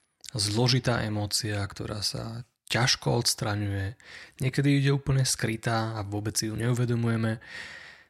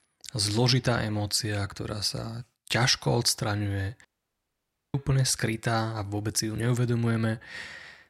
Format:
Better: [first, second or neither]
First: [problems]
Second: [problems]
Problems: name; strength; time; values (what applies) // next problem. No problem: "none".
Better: first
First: none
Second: audio cutting out; at 4 s for 1 s